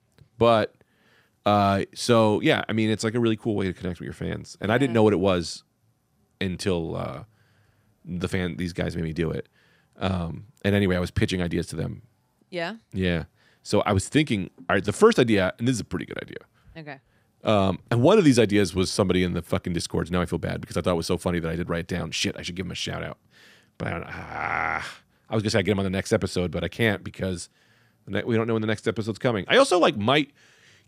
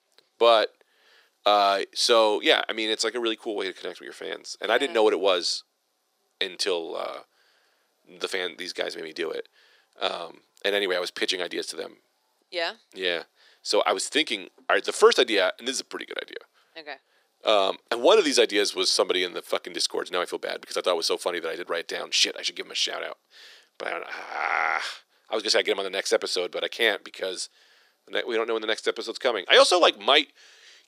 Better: first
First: none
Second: thin; very; fading below 400 Hz

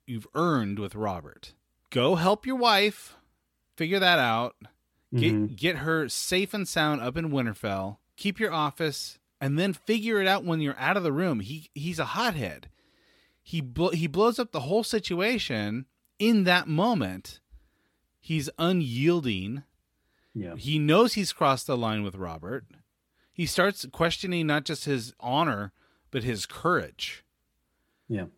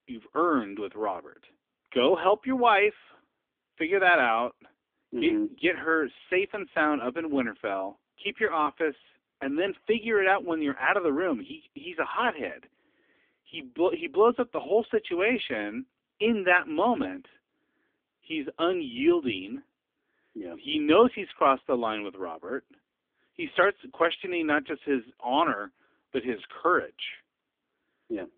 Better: first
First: none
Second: phone-call audio; poor line; nothing above 3.5 kHz

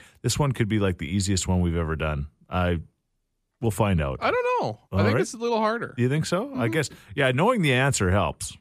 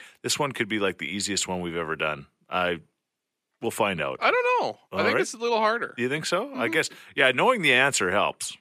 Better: first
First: none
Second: thin; somewhat; fading below 300 Hz

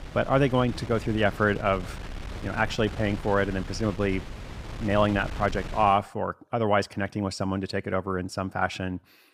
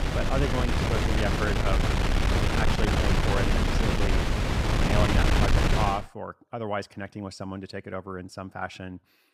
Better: first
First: wind noise on the microphone; occasional gusts; until 6 s; 15 dB below the speech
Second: wind noise on the microphone; heavy; until 6 s; 4 dB above the speech

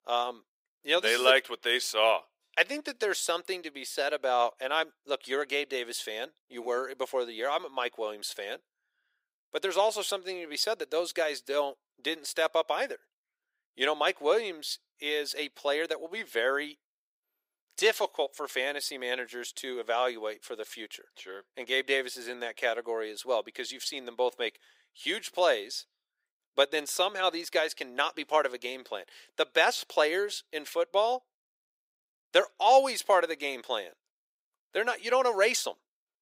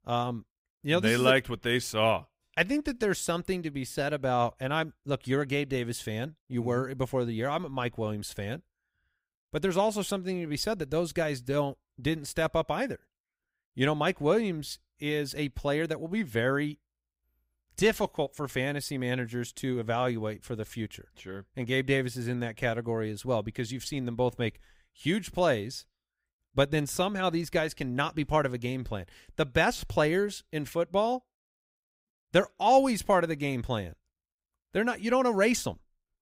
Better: second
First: thin; very; fading below 400 Hz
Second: none

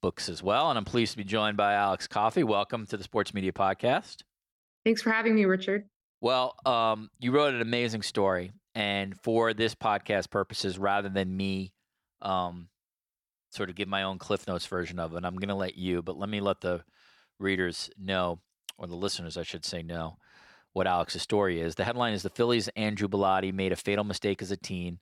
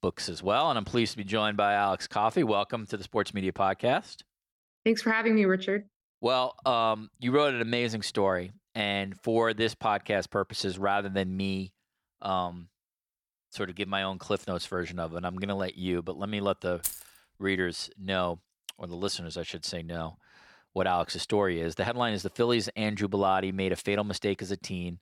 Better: first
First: none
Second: jangling keys; noticeable; at 17 s; peak 4 dB below the speech

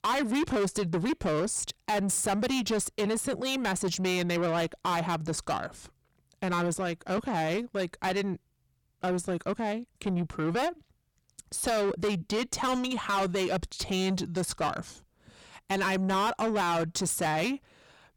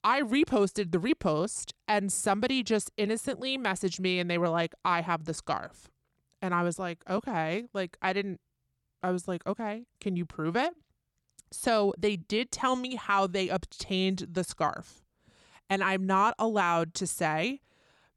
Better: second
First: distortion; heavy; 7 dB below the speech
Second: none

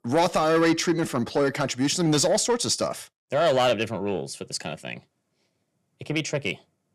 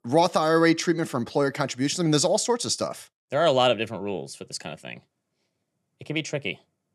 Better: second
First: distortion; slight; 10 dB below the speech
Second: none

